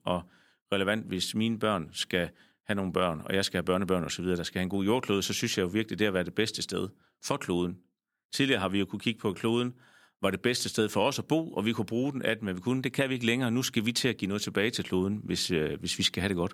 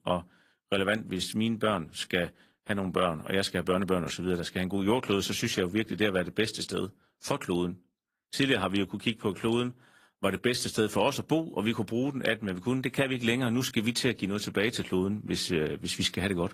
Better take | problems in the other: first | garbled, watery; slightly

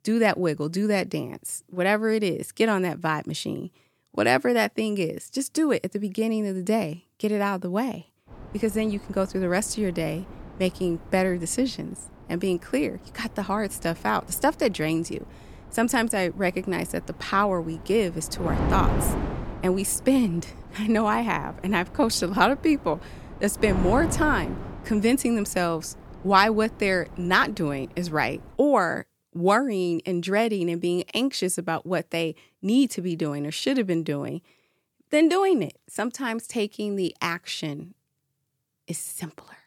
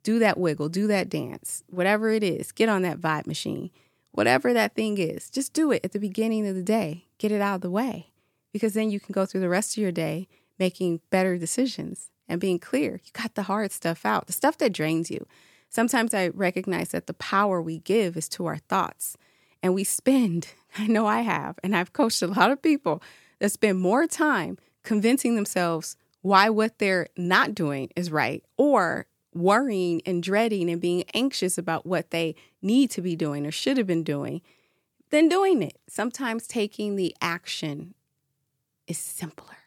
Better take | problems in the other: second | wind noise on the microphone; occasional gusts; from 8.5 to 29 s; 15 dB below the speech

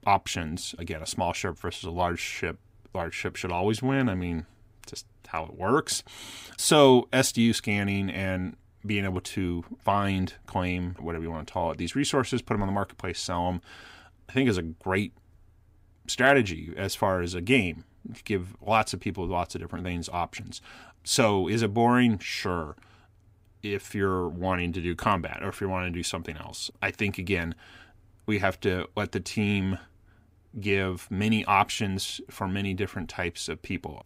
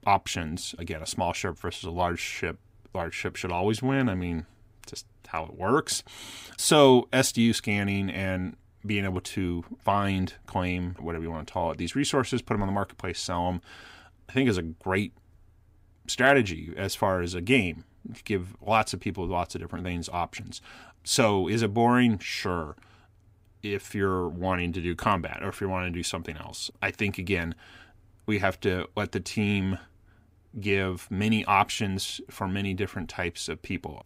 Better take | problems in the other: neither | none

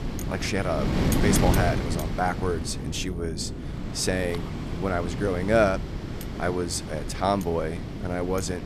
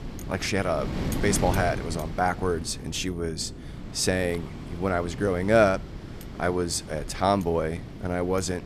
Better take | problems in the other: second | wind noise on the microphone; heavy; 7 dB below the speech; occasional gusts in the second

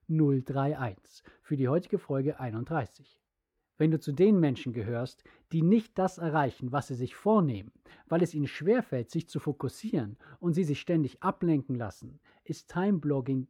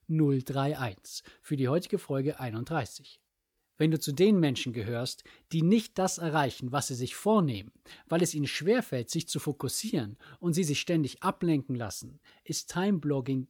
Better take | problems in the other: second | muffled; very; fading above 3 kHz

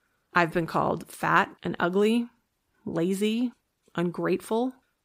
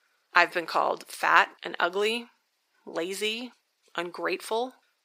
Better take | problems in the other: first | thin; very; fading below 550 Hz

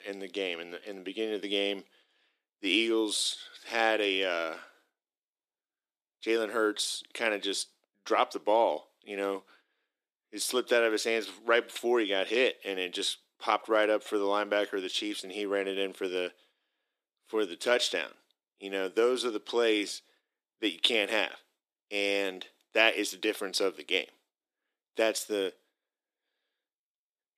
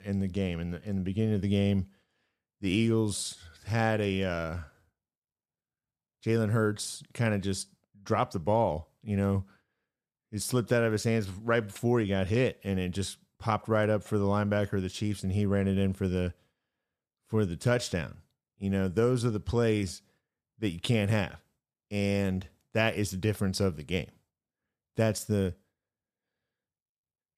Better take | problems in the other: second | thin; very; fading below 300 Hz

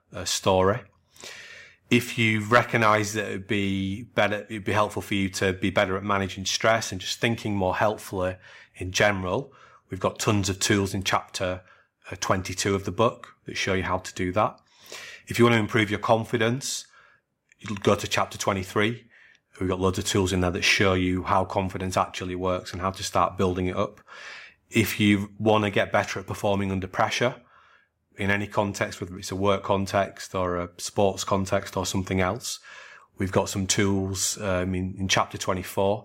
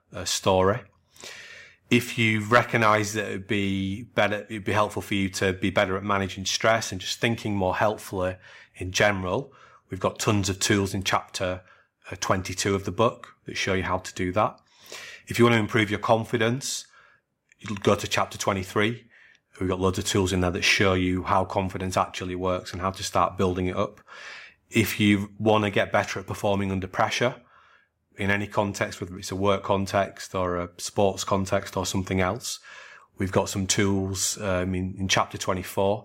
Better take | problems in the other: neither | none

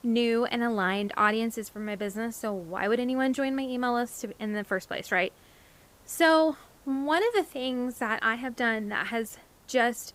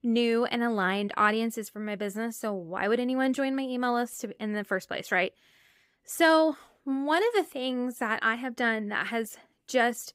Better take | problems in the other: second | hiss; faint; throughout; 30 dB below the speech

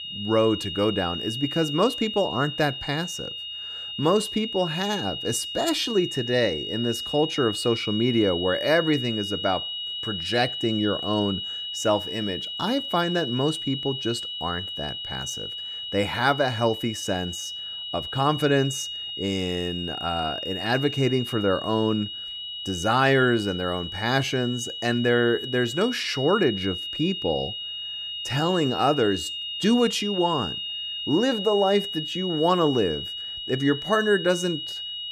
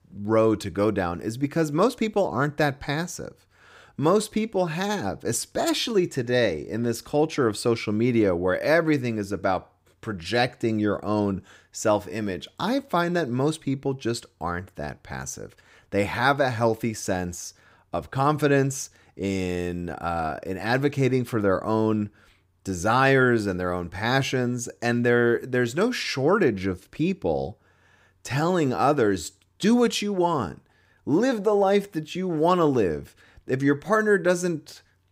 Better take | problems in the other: second | high-pitched whine; loud; throughout; 3 kHz, 5 dB below the speech

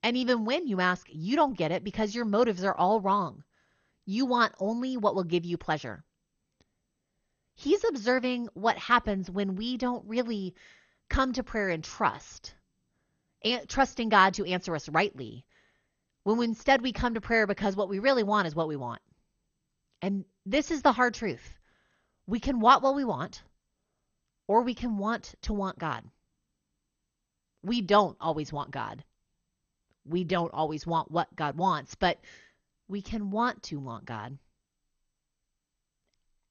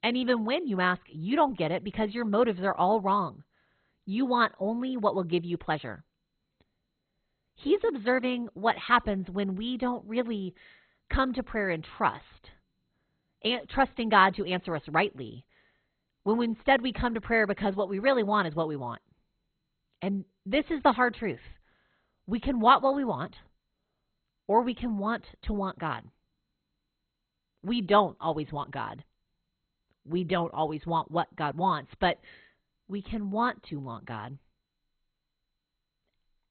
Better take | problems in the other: first | garbled, watery; badly; nothing above 4 kHz; slightly in the first

